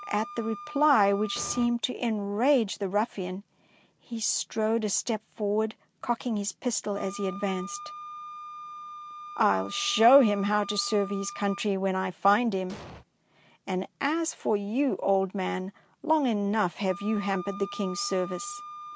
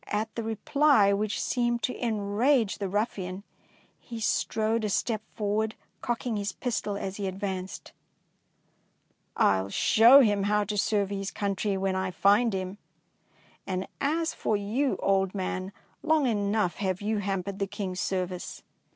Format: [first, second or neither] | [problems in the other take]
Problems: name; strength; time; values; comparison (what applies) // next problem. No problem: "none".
second | background sound (Explosion + Wind instrument, woodwind instrument); 16 dB below the speech